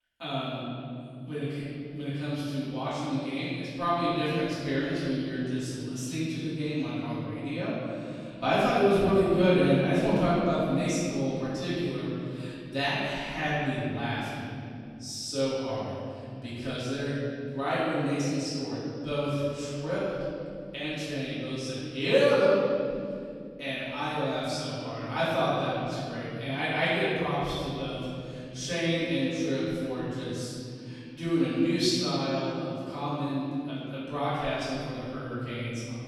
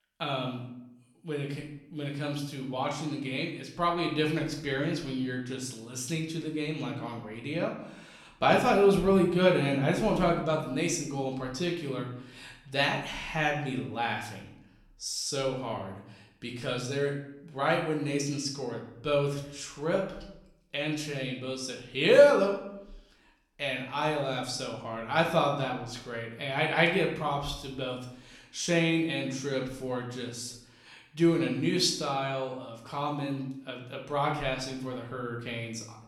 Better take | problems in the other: second | room echo; strong; dies away in 3 s; slight in the second // off-mic speech; far; somewhat distant in the second

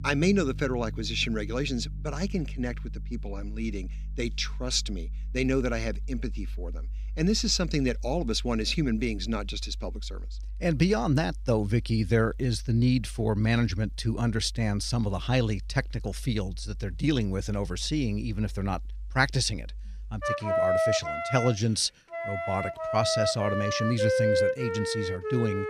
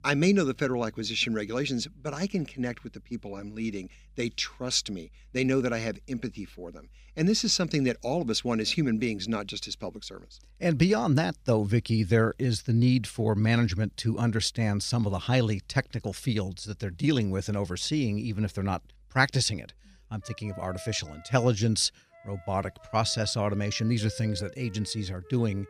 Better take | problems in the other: second | background music; loud; throughout; 6 dB below the speech; faint in the second

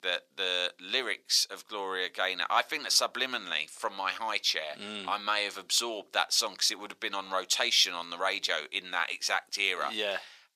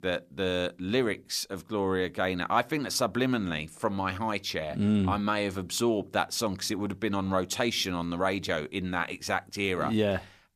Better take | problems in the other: second | thin; very; fading below 650 Hz

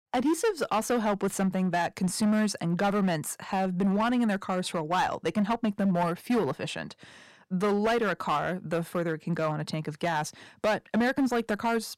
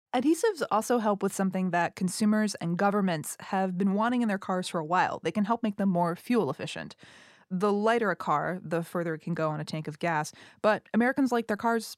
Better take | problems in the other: second | distortion; slight; 9% of the sound clipped

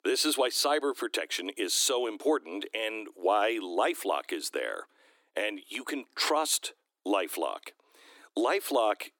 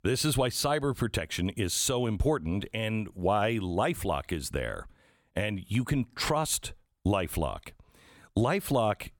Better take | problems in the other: second | thin; somewhat; fading below 300 Hz

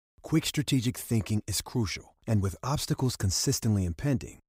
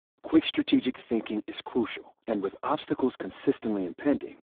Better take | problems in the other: first | phone-call audio; poor line; nothing above 3.5 kHz

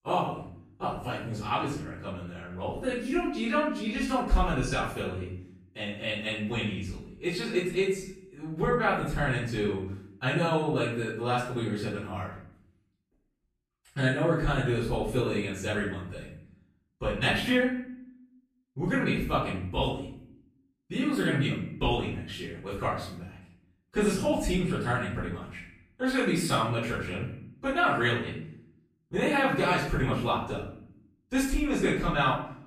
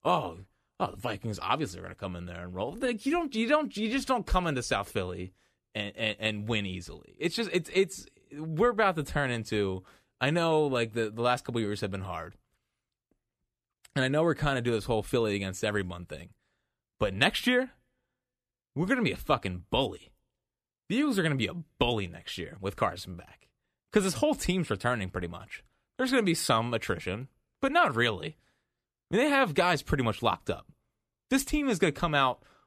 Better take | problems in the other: second | off-mic speech; far // room echo; noticeable; dies away in 0.6 s

